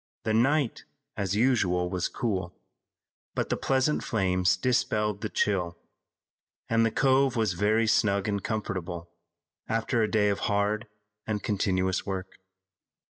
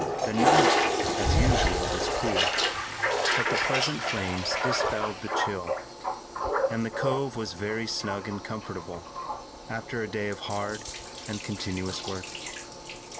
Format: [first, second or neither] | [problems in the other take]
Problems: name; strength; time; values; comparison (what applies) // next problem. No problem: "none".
first | background sound (Toilet flush); 5 dB above the speech